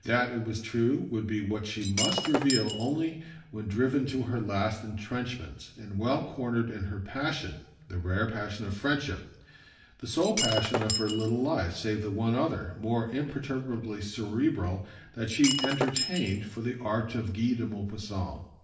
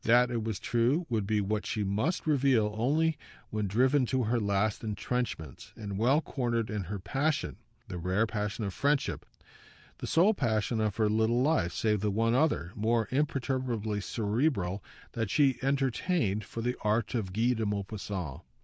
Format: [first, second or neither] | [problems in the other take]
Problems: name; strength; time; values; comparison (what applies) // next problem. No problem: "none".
second | background sound (Shatter); 2 dB below the speech // room echo; dies away in 0.9 s